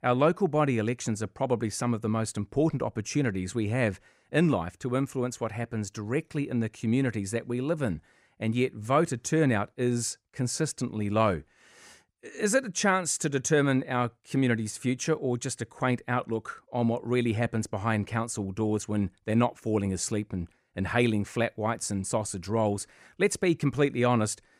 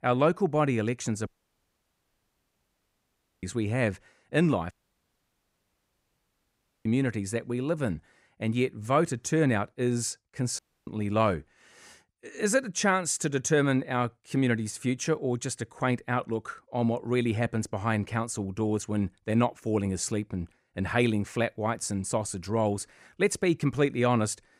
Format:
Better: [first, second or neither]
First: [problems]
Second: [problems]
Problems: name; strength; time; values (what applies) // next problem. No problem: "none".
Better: first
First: none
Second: audio cutting out; at 1.5 s for 2 s, at 4.5 s for 2 s and at 11 s